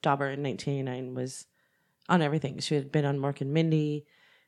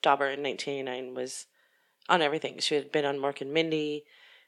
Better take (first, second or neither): first